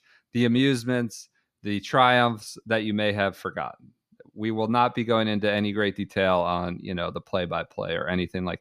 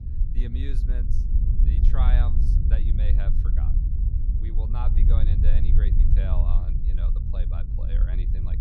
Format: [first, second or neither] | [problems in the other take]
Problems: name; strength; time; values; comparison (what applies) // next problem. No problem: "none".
first | low rumble; loud; throughout; 1 dB below the speech